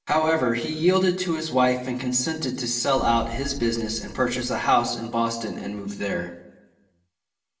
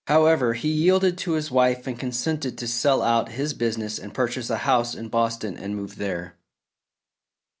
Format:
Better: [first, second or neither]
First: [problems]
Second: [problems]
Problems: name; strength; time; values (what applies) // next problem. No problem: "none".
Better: second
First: background sound (Boom); 13 dB below the speech // room echo; dies away in 0.8 s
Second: none